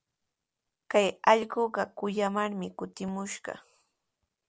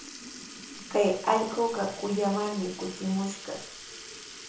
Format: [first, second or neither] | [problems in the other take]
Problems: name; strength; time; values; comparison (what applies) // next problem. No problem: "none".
first | background sound (Sink (filling or washing) / Liquid); 13 dB below the speech // room echo; dies away in 0.6 s